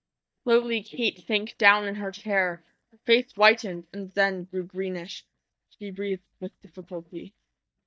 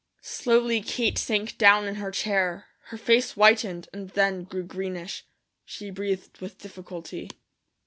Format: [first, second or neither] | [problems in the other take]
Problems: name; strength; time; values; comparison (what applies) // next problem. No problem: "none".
second | noise reduction (neural mask model DeepFilterNet 3)